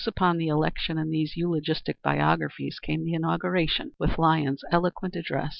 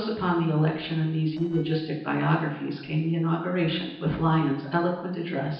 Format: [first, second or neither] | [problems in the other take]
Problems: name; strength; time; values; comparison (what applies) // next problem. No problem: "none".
first | noise reduction (neural separator model SepFormer DNS4)